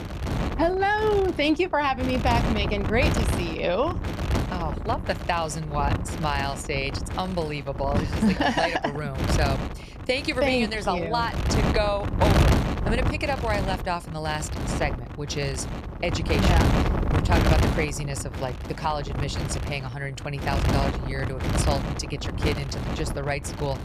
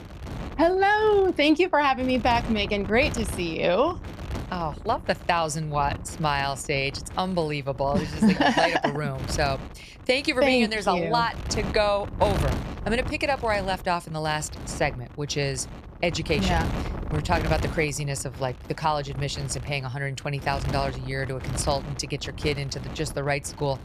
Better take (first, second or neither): second